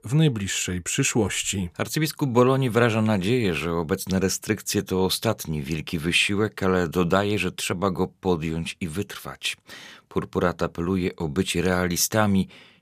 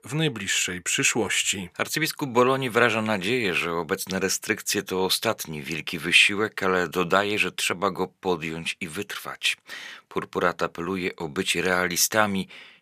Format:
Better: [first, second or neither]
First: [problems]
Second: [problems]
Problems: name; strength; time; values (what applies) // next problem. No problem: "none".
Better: first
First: none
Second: thin; somewhat; fading below 800 Hz